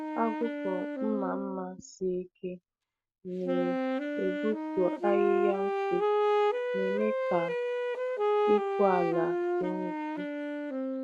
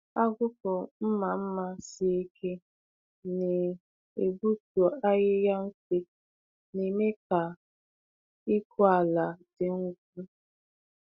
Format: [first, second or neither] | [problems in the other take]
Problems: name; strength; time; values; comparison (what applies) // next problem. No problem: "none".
second | background sound (Wind instrument, woodwind instrument); 3 dB above the speech